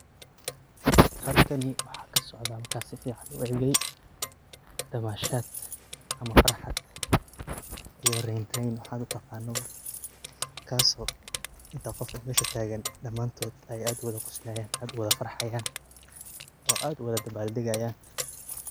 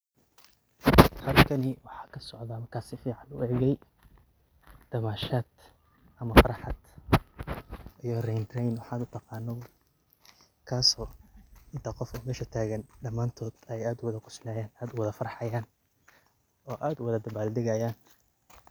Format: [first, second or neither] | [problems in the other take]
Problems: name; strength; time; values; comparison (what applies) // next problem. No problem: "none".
second | background sound (Keys jangling); 5 dB below the speech